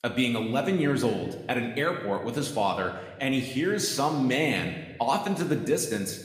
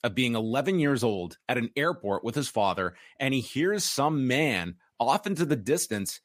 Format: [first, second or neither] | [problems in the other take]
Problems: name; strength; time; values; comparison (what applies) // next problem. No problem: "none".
second | room echo; slight; dies away in 1 s